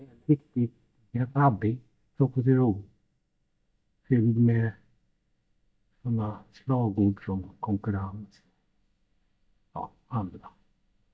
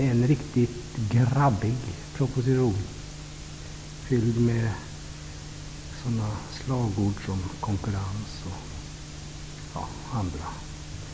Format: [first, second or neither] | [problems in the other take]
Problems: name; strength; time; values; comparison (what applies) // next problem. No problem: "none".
second | noise reduction (neural mask model DeepFilterNet 3)